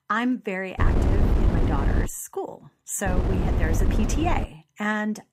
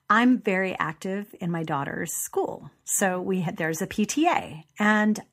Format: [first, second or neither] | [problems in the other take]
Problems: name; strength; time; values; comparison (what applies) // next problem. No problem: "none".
second | wind noise on the microphone; faint; from 1 to 2 s and from 3 to 4.5 s; 3 dB below the speech